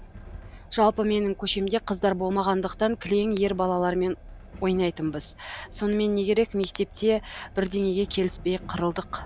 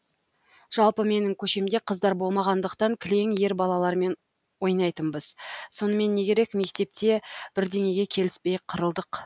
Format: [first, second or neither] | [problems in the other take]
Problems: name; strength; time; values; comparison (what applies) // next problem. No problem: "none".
second | background sound (Train); 18 dB below the speech